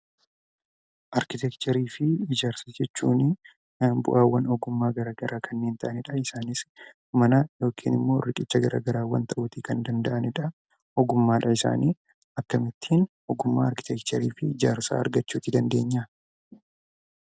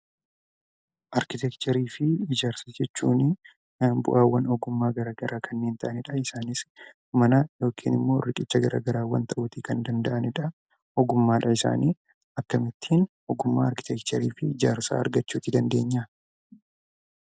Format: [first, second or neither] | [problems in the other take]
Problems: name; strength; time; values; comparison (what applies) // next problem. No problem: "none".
first | noise reduction (neural mask model Resemble Enhance denoiser)